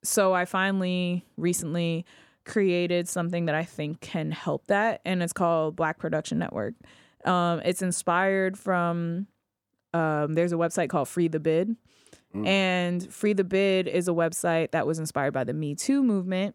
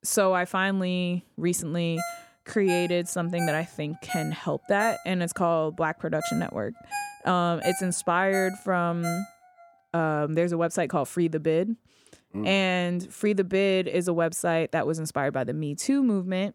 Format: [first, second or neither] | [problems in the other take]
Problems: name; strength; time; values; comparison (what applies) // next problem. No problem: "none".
first | phone ringing; noticeable; from 2 to 9.5 s; peak 8 dB below the speech